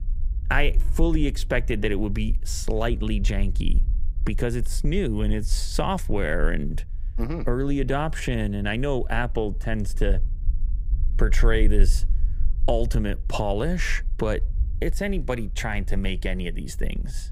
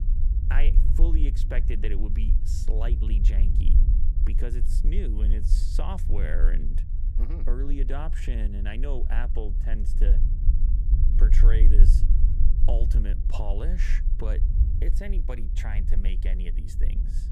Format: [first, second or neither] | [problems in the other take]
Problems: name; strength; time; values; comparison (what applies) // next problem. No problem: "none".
first | low rumble; loud; throughout; 7 dB below the speech; faint in the first